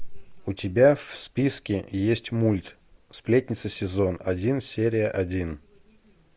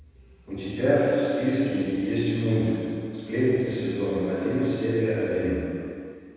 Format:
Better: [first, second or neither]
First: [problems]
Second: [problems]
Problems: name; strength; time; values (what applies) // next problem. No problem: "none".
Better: first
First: none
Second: room echo; dies away in 2.1 s